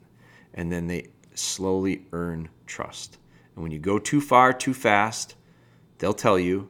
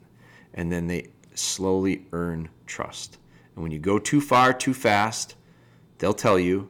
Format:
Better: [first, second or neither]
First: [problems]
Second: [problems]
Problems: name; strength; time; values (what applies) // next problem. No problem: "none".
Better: first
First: none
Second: distortion; slight; 0.8% of the sound clipped